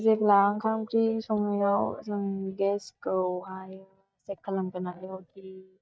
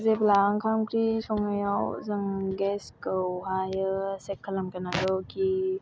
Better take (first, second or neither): second